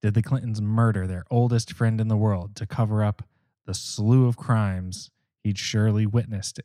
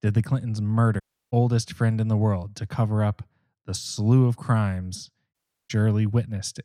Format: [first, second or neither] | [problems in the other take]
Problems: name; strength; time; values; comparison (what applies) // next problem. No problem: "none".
first | audio cutting out; at 1 s and at 5.5 s